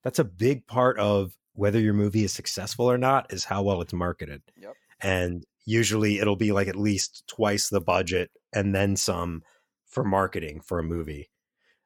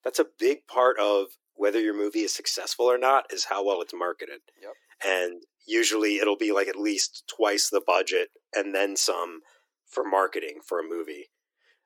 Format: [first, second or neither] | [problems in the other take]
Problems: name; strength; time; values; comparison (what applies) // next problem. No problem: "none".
first | thin; very; fading below 300 Hz